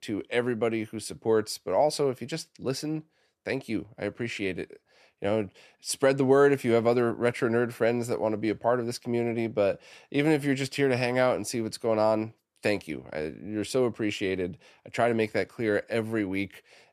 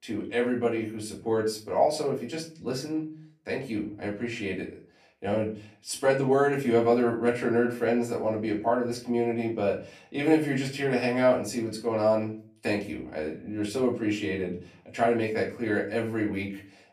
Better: first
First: none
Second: off-mic speech; far // room echo; slight; dies away in 0.3 s

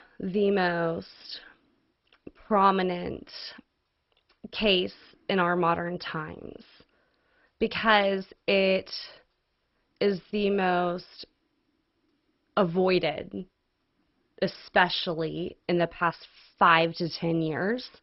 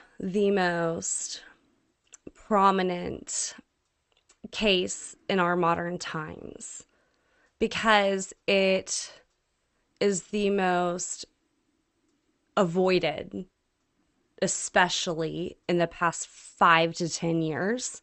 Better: second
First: garbled, watery; badly; nothing above 5.5 kHz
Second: garbled, watery; slightly; nothing above 8.5 kHz

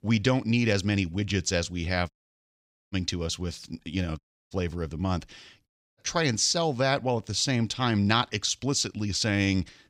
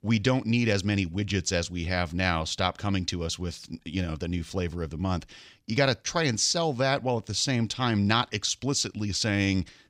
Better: second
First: audio cutting out; at 2 s for 1 s, at 4 s and at 5.5 s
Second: none

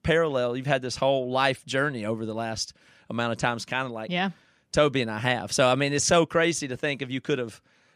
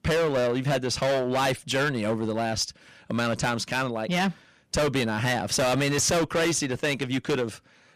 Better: first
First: none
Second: distortion; heavy; 20% of the sound clipped

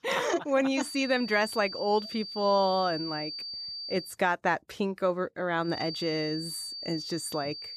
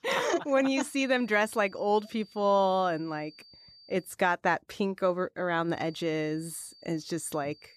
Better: second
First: high-pitched whine; loud; from 1 to 4 s and from 5.5 s on; 4.5 kHz, 7 dB below the speech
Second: high-pitched whine; faint; from 1 to 4 s and from 5.5 s on; 4.5 kHz, 25 dB below the speech

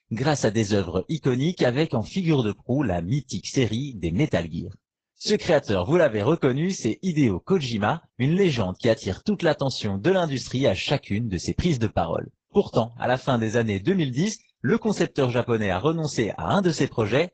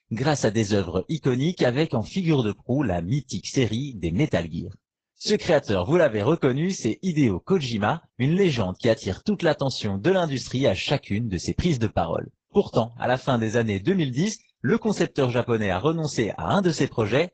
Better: neither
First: garbled, watery; badly; nothing above 7.5 kHz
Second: garbled, watery; badly; nothing above 7.5 kHz

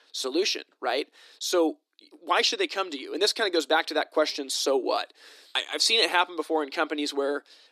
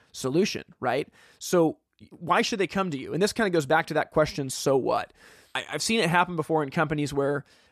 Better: second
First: thin; somewhat; fading below 300 Hz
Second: none

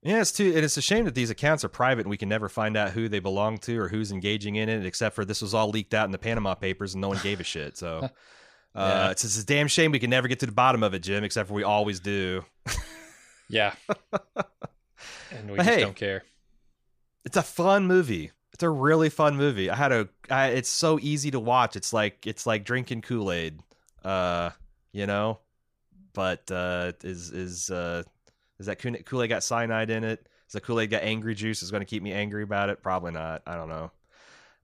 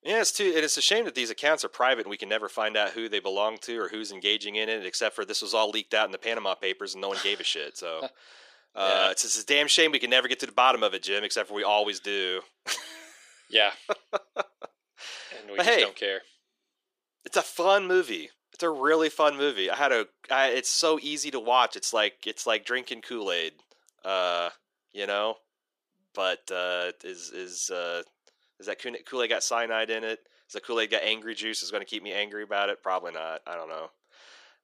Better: first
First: none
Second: thin; very; fading below 350 Hz

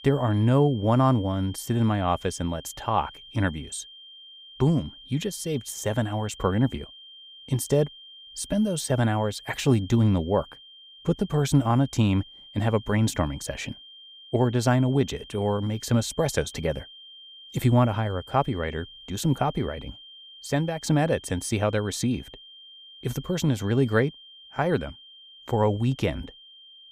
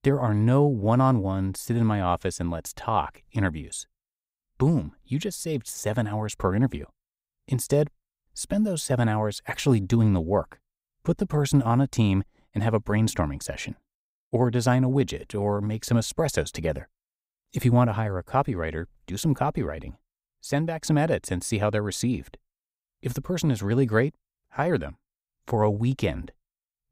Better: second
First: high-pitched whine; noticeable; throughout; 3 kHz, 20 dB below the speech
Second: none

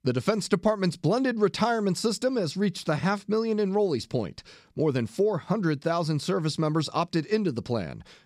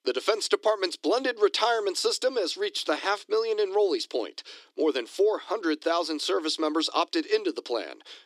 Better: first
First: none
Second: thin; very; fading below 300 Hz

